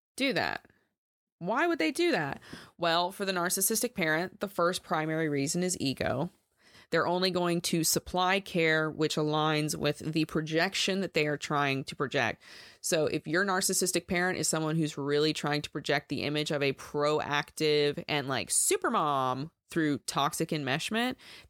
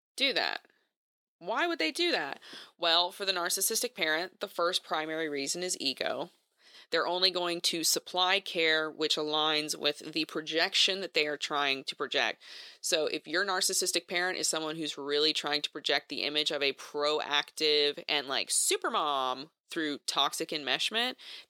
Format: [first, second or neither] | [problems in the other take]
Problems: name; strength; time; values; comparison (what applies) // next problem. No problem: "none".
first | thin; somewhat; fading below 400 Hz